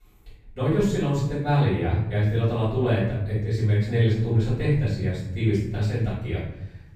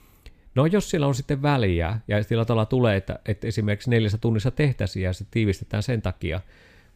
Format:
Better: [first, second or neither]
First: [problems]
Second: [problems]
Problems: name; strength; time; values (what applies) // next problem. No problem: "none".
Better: second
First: off-mic speech; far // room echo; noticeable; dies away in 0.9 s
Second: none